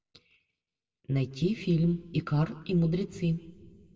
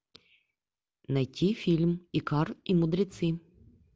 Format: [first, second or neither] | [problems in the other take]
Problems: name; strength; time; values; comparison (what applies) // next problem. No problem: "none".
second | room echo; dies away in 1 s